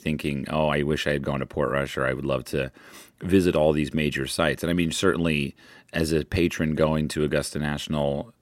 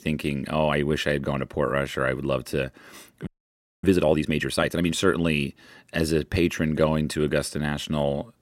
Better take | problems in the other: first | audio freezing; at 3.5 s for 0.5 s

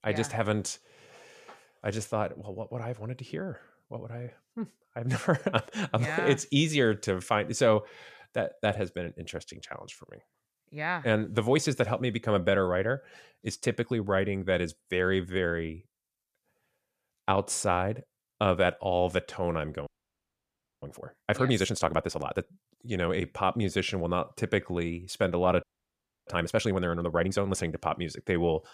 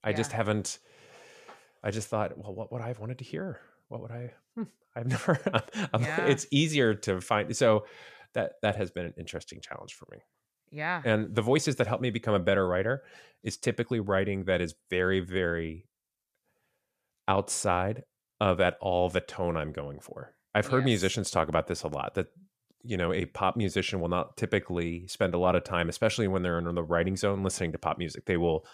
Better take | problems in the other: second | audio freezing; at 20 s for 1 s and at 26 s for 0.5 s

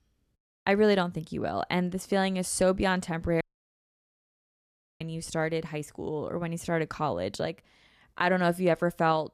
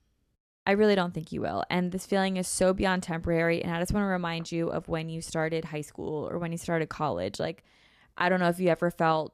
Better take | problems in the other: second | audio cutting out; at 3.5 s for 1.5 s

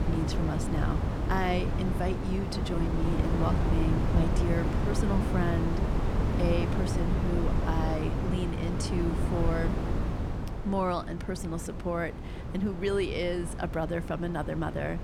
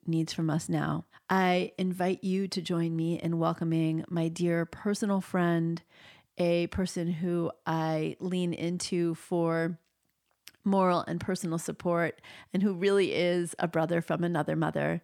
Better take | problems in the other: second | wind noise on the microphone; heavy; 3 dB below the speech

